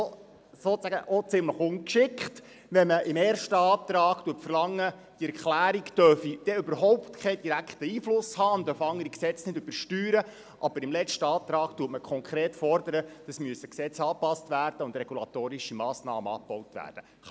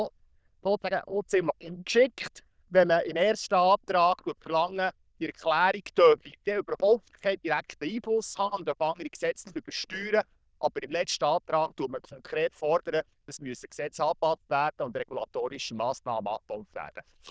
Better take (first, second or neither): first